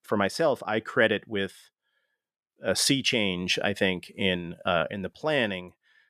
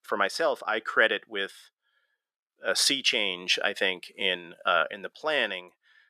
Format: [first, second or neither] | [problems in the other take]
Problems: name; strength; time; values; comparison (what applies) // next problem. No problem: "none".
first | thin; somewhat; fading below 400 Hz